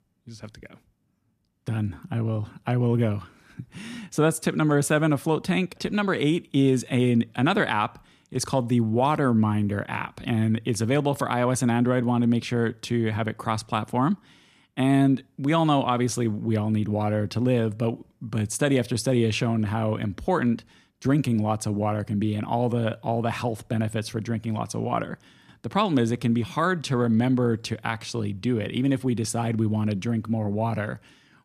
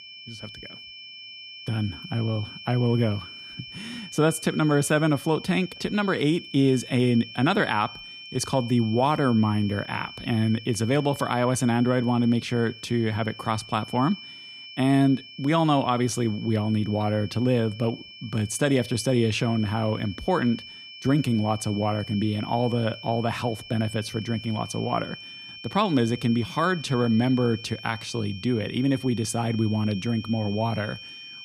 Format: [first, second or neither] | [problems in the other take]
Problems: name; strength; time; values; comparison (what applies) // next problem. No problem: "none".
first | high-pitched whine; noticeable; throughout; 3 kHz, 15 dB below the speech